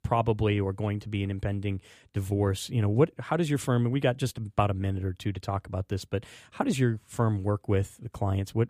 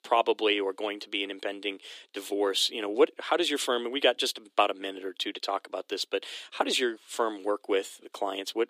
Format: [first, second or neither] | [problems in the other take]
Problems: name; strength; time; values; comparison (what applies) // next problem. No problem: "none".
first | thin; very; fading below 300 Hz